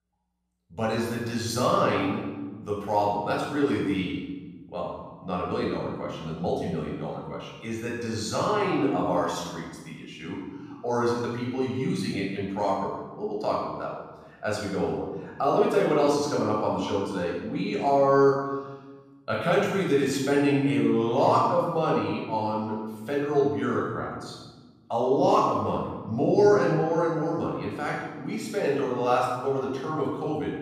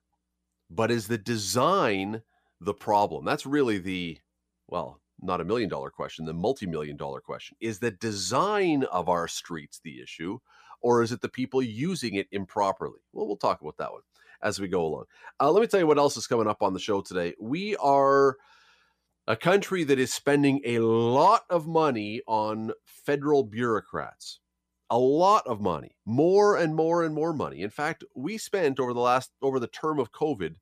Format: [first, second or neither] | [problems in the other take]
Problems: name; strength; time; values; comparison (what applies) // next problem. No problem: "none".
second | off-mic speech; far // room echo; noticeable; dies away in 1.3 s